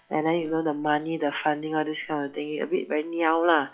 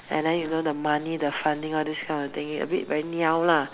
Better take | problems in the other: second | noise reduction (classical method log-MMSE)

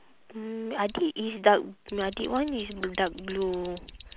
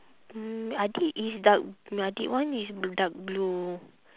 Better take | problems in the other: second | background sound (Alarm); 20 dB below the speech

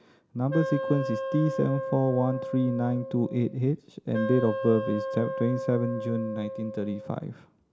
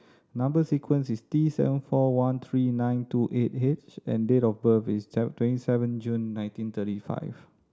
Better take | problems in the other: second | background sound (Wind instrument, woodwind instrument); 6 dB below the speech

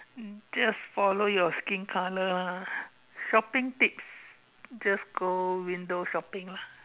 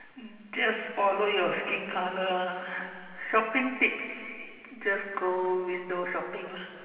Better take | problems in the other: first | room echo; dies away in 2.6 s

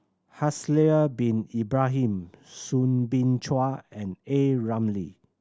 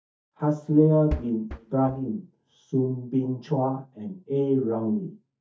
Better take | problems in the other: first | noise reduction (neural mask model DeepFilterNet 3)

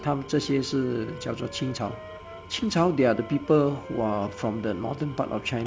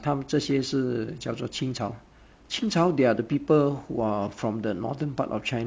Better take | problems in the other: second | background sound (Engine / Tools + Wind instrument, woodwind instrument); 15 dB below the speech

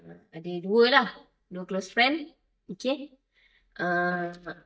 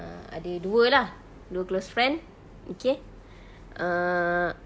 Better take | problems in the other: second | noise reduction (neural mask model DeepFilterNet 3)

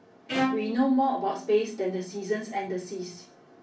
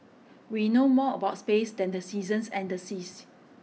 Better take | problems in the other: second | background sound (Bowed string instrument); 6 dB below the speech // room echo; dies away in 0.3 s

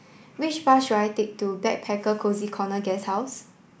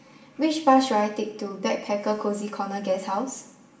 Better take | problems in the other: first | room echo; dies away in 0.7 s

